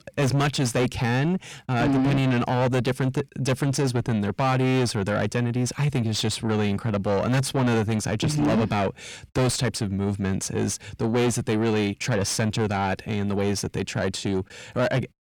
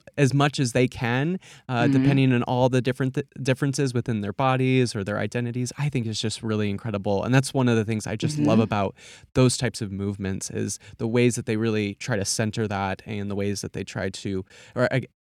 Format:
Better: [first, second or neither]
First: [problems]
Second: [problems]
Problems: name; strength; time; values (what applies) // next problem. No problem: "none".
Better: second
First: distortion; heavy; 7 dB below the speech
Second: none